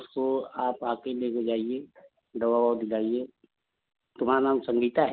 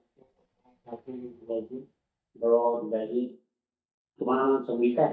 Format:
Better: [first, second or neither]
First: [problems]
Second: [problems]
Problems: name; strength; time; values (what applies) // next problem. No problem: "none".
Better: first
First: none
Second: noise reduction (neural mask model DeepFilterNet 3)